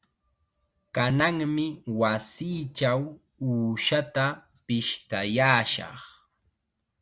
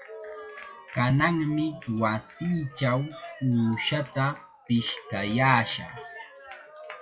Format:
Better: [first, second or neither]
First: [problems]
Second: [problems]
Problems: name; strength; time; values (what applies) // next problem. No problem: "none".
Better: first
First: none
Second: noise reduction (classical method WPE with log-MMSE)